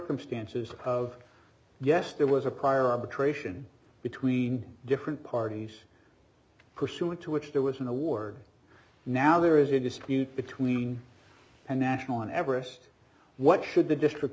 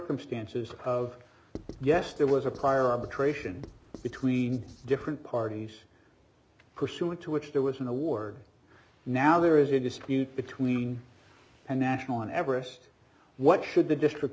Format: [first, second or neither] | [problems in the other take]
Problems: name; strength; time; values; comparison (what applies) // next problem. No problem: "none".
first | background sound (Writing); 19 dB below the speech